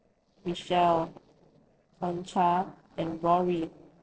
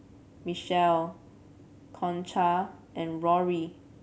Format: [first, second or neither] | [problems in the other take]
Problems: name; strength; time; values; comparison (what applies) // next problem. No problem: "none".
second | noise reduction (neural separator model SepFormer DNS4)